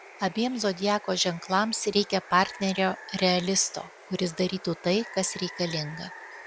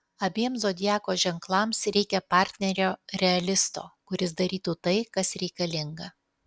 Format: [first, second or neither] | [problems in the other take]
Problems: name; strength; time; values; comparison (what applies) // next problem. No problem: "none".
second | background sound (Water); 18 dB below the speech